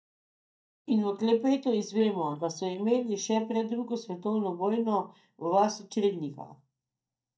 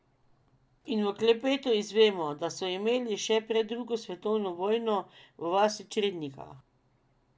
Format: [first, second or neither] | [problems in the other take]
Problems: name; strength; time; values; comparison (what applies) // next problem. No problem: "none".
second | noise reduction (neural mask model DeepFilterNet 3)